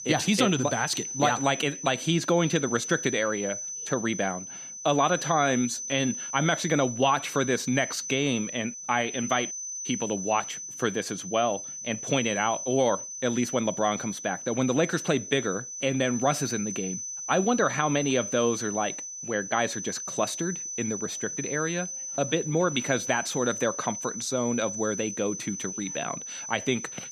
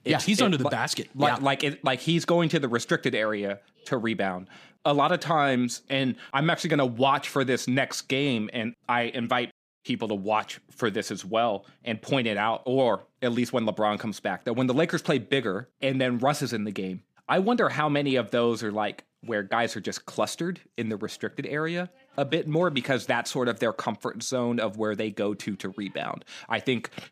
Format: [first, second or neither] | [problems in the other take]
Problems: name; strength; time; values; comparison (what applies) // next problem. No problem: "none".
second | high-pitched whine; loud; throughout; 6 kHz, 6 dB below the speech